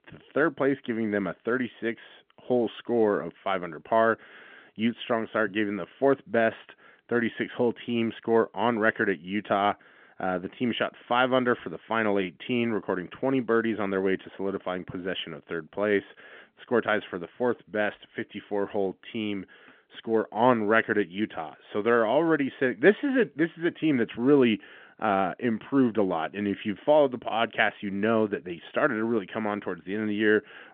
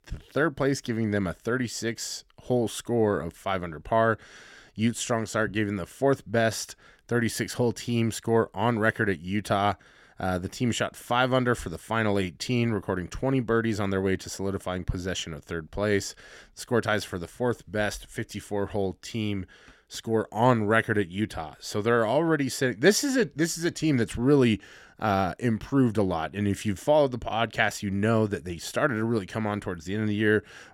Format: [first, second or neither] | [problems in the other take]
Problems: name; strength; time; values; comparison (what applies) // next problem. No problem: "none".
second | phone-call audio; nothing above 3.5 kHz